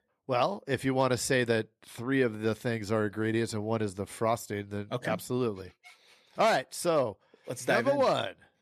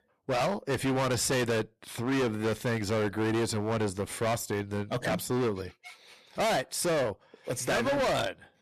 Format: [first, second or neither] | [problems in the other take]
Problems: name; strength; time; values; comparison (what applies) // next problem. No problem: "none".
first | distortion; heavy; 21% of the sound clipped